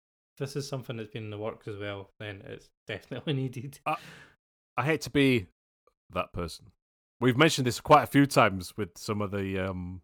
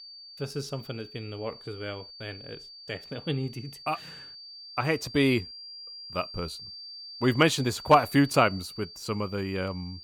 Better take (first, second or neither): first